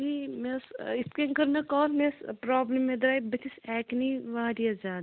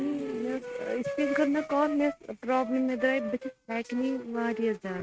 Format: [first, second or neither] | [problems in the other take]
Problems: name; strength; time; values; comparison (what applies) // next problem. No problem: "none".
first | noise reduction (neural mask model RNNoise)